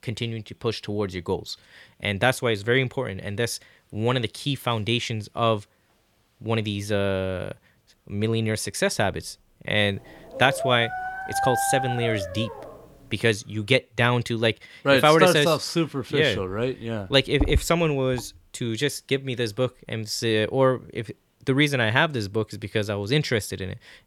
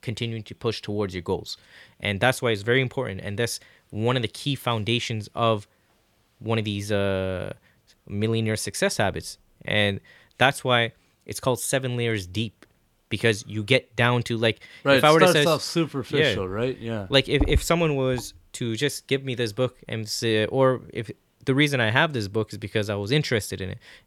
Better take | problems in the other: second | dog barking; noticeable; from 10 to 13 s; peak level with the speech

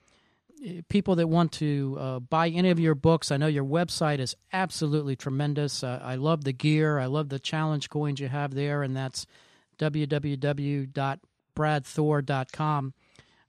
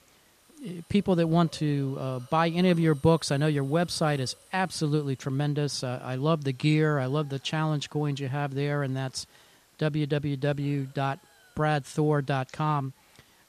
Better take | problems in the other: first | hiss; faint; throughout; 30 dB below the speech

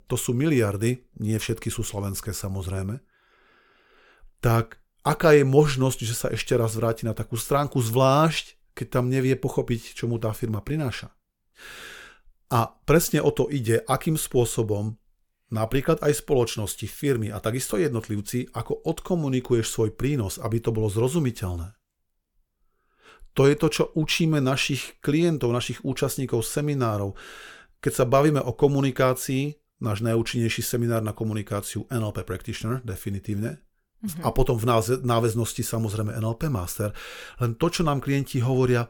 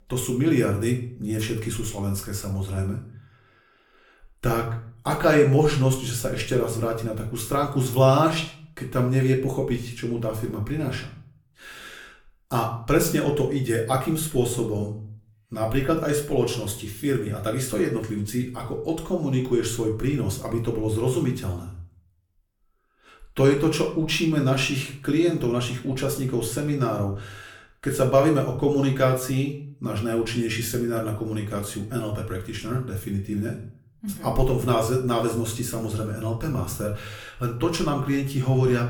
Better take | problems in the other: first | room echo; slight; dies away in 0.4 s // off-mic speech; somewhat distant

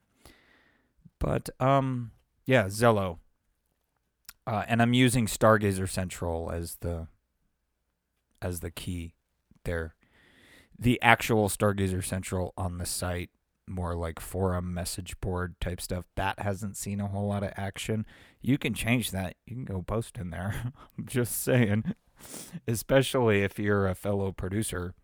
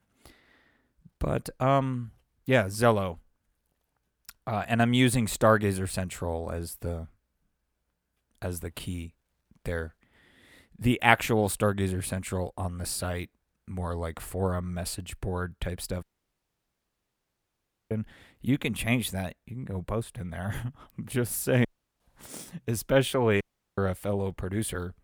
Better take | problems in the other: first | audio cutting out; at 16 s for 2 s, at 22 s and at 23 s

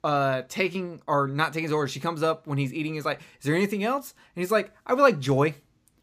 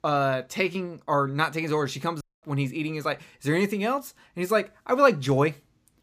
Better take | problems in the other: first | audio cutting out; at 2 s

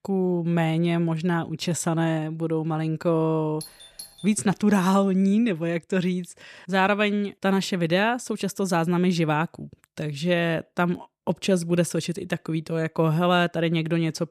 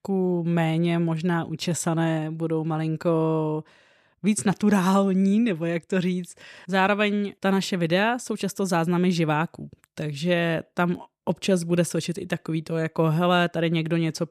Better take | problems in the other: second | doorbell; faint; at 3.5 s; peak 15 dB below the speech

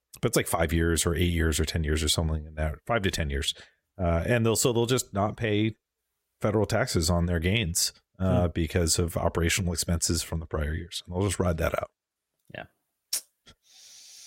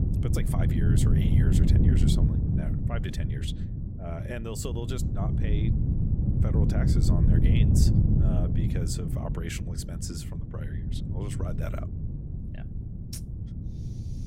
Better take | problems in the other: first | wind noise on the microphone; heavy; 2 dB above the speech

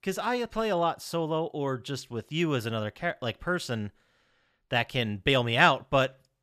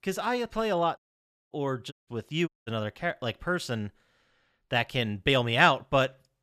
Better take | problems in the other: first | audio cutting out; at 1 s for 0.5 s, at 2 s and at 2.5 s

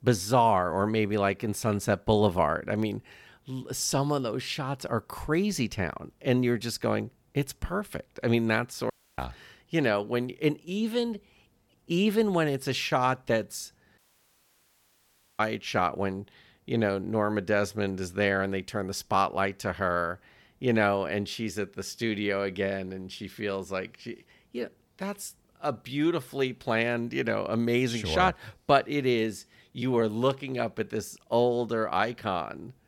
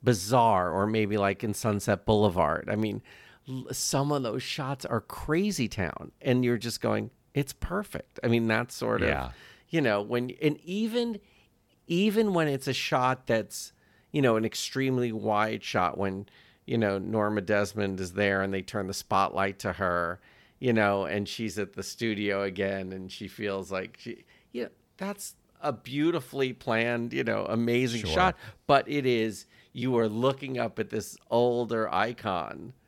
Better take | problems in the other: second | audio cutting out; at 9 s and at 14 s for 1.5 s

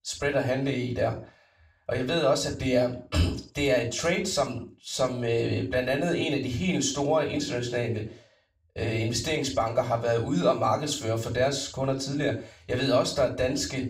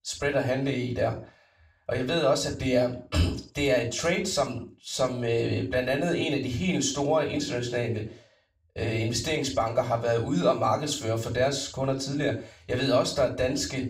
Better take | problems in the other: neither | room echo; slight; dies away in 0.4 s; the same in both // off-mic speech; far; the same in both

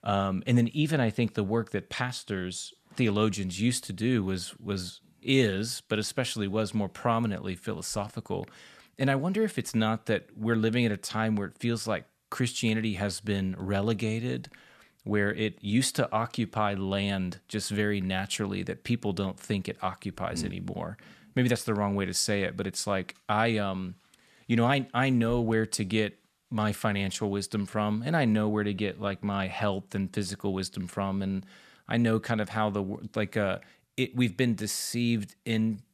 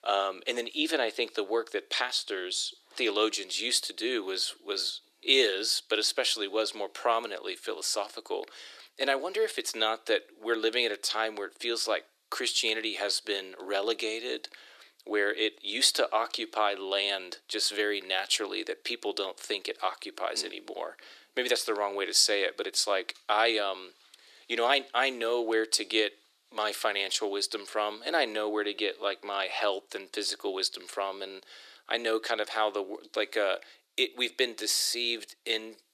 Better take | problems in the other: first | thin; very; fading below 300 Hz

